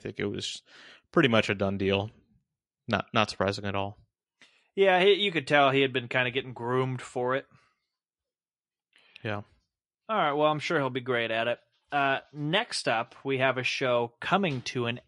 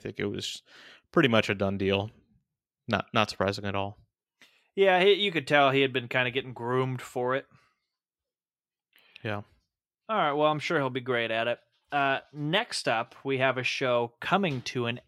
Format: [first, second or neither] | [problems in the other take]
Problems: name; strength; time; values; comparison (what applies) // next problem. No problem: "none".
second | garbled, watery; slightly; nothing above 10.5 kHz